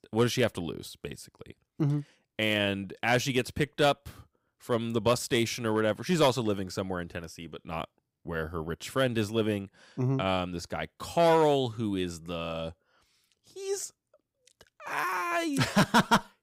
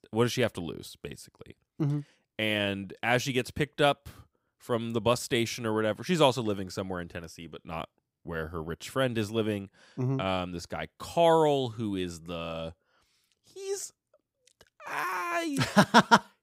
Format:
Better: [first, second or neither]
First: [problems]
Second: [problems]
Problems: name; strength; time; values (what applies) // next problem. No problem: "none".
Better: second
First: distortion; slight; 1.8% of the sound clipped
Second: none